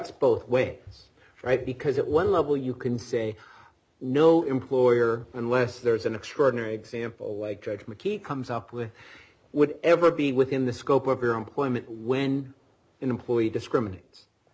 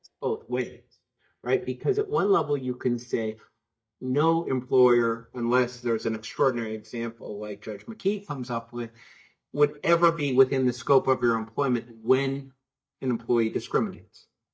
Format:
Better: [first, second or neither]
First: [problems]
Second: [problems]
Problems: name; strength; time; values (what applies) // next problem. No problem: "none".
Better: first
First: none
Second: noise reduction (neural mask model DeepFilterNet 3)